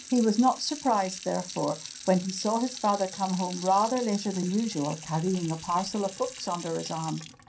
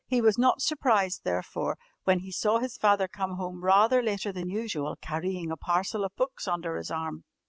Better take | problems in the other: second | background sound (Sink (filling or washing) / Water tap, faucet); 14 dB below the speech // room echo; dies away in 0.3 s

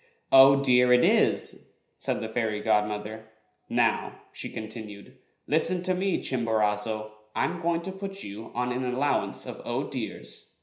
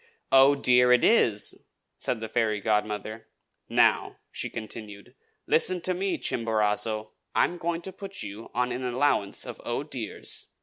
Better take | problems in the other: second | room echo; dies away in 0.5 s

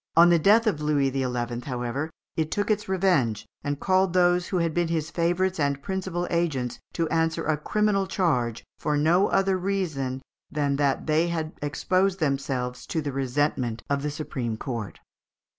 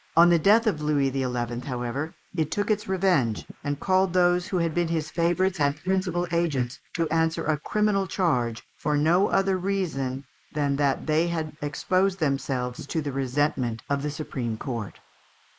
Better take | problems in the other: first | noise reduction (neural mask model Resemble Enhance denoiser)

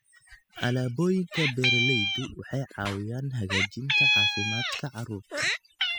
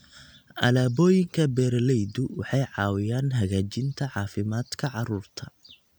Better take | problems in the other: second | noise reduction (classical method spectral subtraction)

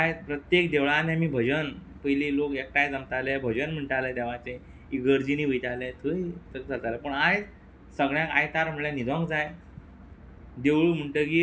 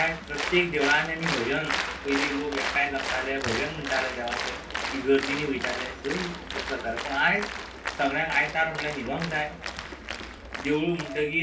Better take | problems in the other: first | background sound (Applause); 5 dB below the speech // room echo; dies away in 0.2 s

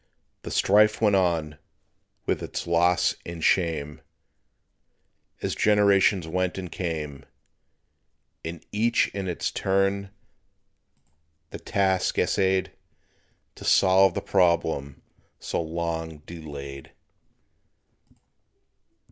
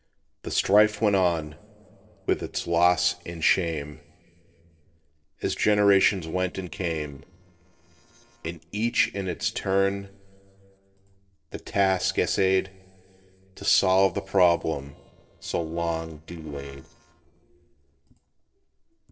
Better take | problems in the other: first | noise reduction (neural separator model SepFormer DNS4)

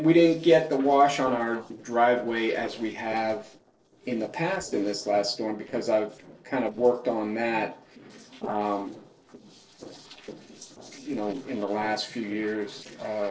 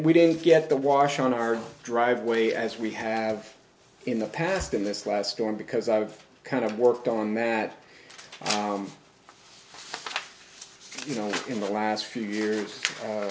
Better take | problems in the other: second | noise reduction (neural separator model SepFormer DNS4)

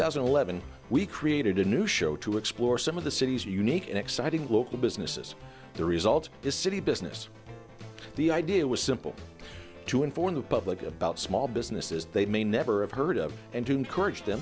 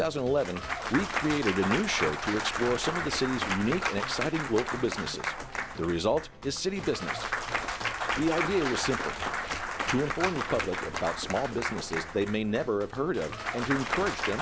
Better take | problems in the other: first | background sound (Applause / Cheering / Clapping); 3 dB below the speech

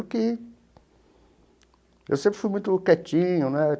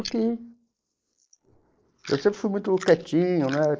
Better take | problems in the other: first | noise reduction (neural mask model Resemble Enhance denoiser)

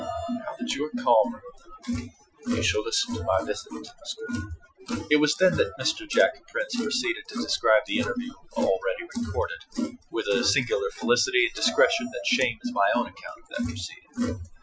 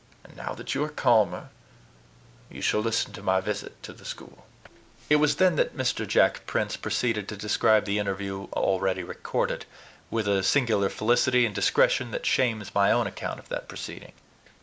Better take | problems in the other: second | noise reduction (classical method Wiener filter)

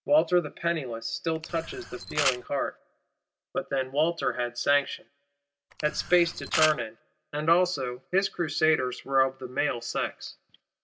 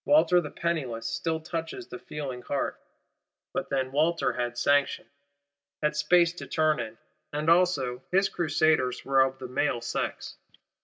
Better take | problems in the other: second | background sound (Camera); 5 dB below the speech

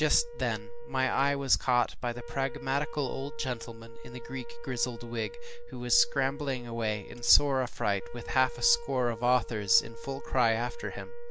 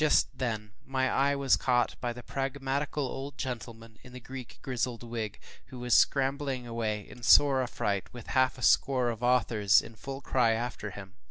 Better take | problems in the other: second | background sound (Wind instrument, woodwind instrument); 16 dB below the speech

